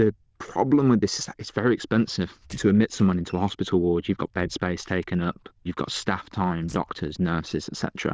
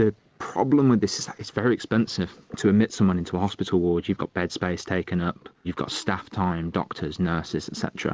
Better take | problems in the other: second | noise reduction (neural diffusion model UNIVERSE++)

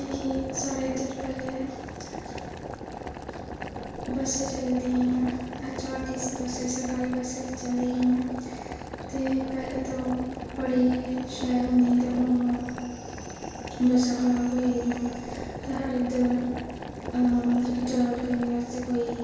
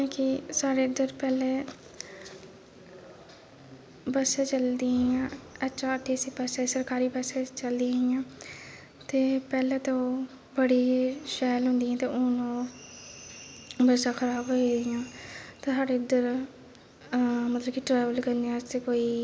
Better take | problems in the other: second | background sound (Boiling); 9 dB below the speech // room echo; dies away in 1 s

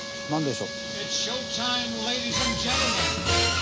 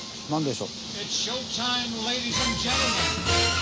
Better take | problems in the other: second | background sound (Wind instrument, woodwind instrument); 12 dB below the speech

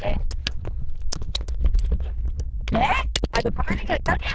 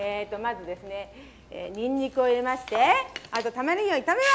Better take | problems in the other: second | noise reduction (neural diffusion model UNIVERSE++)

